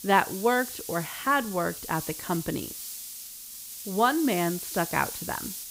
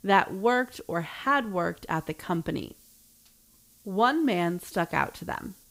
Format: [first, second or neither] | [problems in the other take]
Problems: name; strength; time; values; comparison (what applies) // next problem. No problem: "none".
second | hiss; loud; throughout; 8 dB below the speech; faint in the second